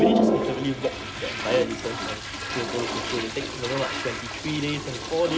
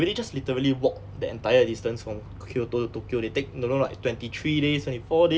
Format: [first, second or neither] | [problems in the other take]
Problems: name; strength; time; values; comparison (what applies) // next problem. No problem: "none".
second | background sound (Toilet flush); 2 dB above the speech